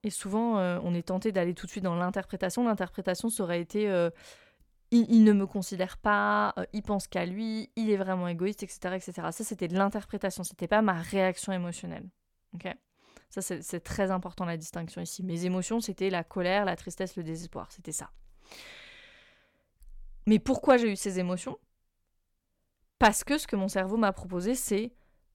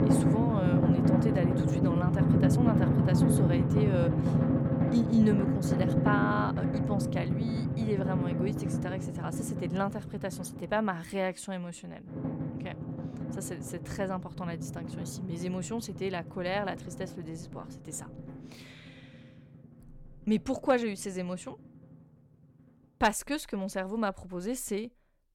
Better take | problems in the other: first | background music; very loud; throughout; 5 dB above the speech

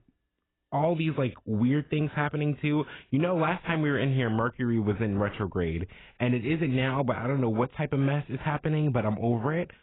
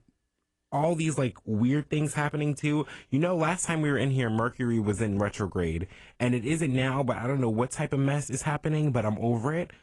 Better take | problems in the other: second | garbled, watery; badly; nothing above 4 kHz; slightly in the second

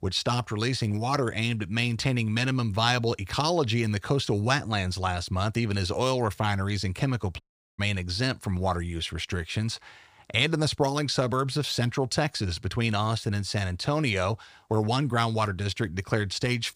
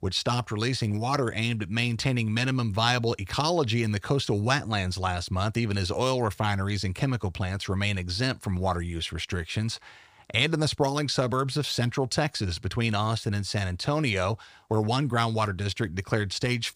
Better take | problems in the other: second | audio cutting out; at 7.5 s

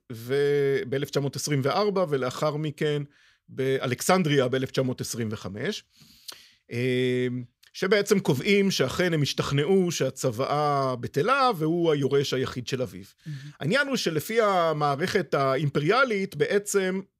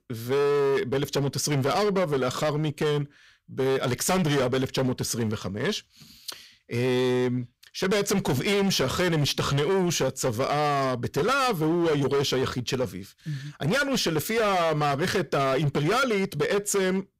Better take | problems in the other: first | distortion; heavy; 21% of the sound clipped

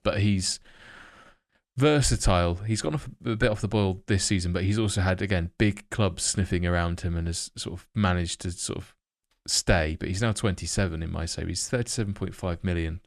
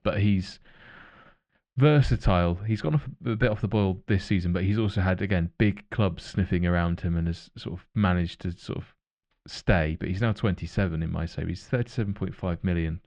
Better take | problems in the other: first | muffled; slightly; fading above 3.5 kHz

